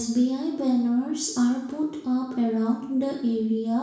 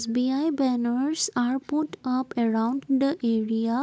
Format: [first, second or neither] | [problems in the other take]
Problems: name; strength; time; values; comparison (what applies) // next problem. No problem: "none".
second | room echo; dies away in 0.7 s